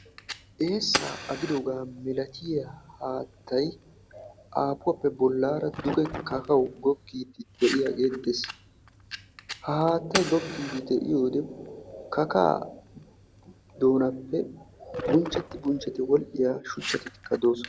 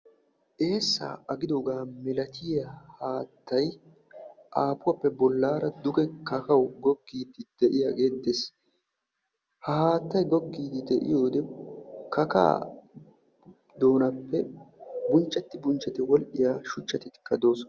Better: second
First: background sound (Fire); 12 dB below the speech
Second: none

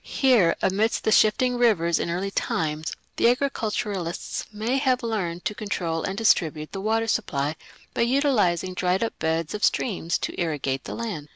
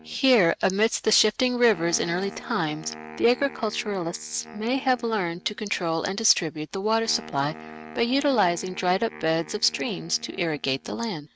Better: first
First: none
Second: noise reduction (neural mask model RNNoise)

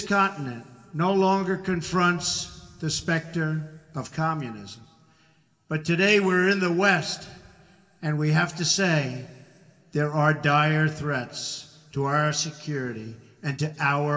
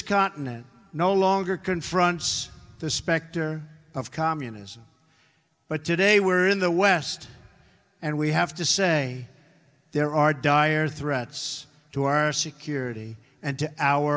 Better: second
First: room echo; dies away in 1.4 s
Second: none

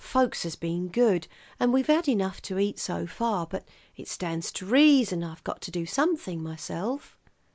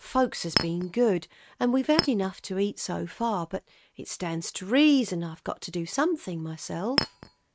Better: first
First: none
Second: noise reduction (neural mask model RNNoise)

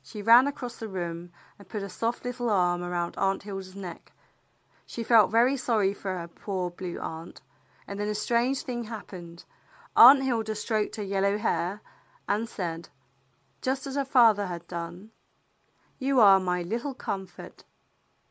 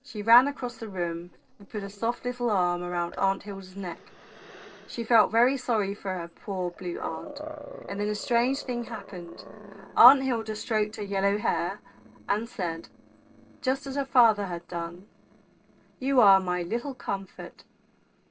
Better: first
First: none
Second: noise reduction (neural separator model SepFormer DNS4)

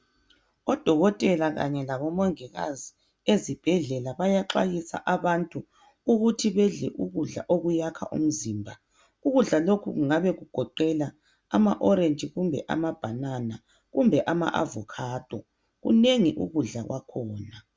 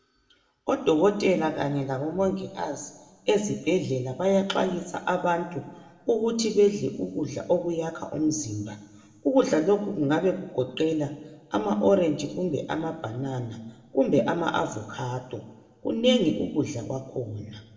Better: first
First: none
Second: room echo; dies away in 1.2 s

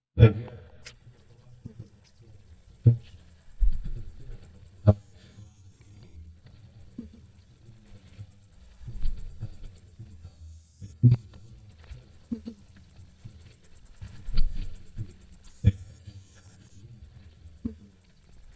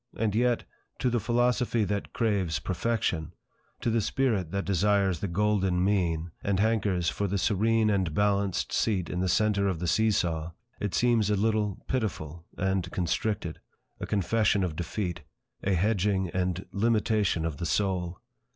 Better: second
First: noise reduction (neural mask model DeepFilterNet 3)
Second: none

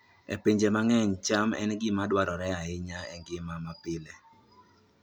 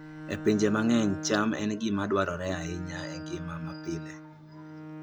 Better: first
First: none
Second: background sound (Bowed string instrument); 11 dB below the speech

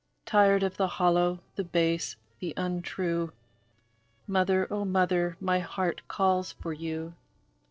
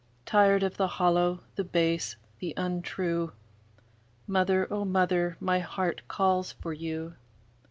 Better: second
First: noise reduction (neural separator model SepFormer DNS4)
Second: none

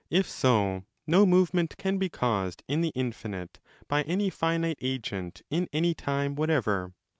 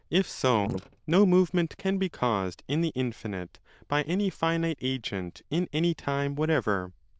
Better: first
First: none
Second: noise reduction (neural diffusion model UNIVERSE++)

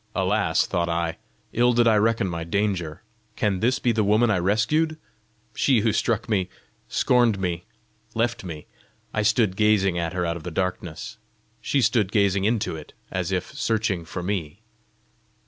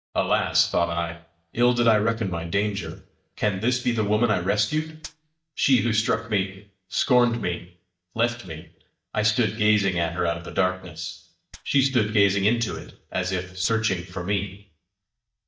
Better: first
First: none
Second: noise reduction (neural mask model DeepFilterNet 3)

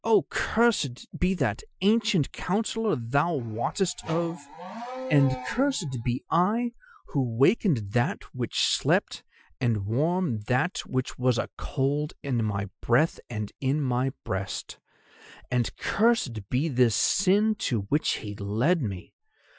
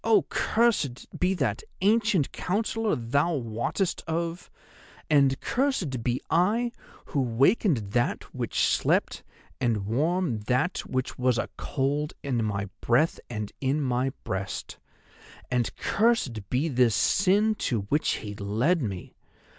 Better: second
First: noise reduction (classical method Wiener filter)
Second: none

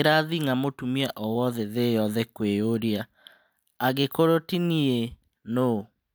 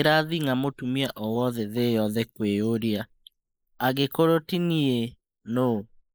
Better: first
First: none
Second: noise reduction (neural mask model Resemble Enhance denoiser)

